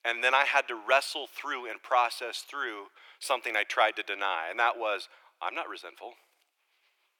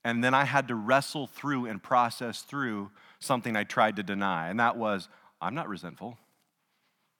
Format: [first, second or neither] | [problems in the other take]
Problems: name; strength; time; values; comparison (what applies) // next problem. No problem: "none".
second | thin; very; fading below 350 Hz